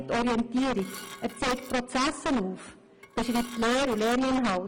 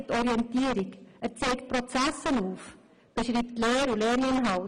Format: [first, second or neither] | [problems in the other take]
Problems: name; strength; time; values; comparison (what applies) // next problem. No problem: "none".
second | background sound (Dishes, pots, and pans / Glass + Electric guitar / Bass guitar); 18 dB below the speech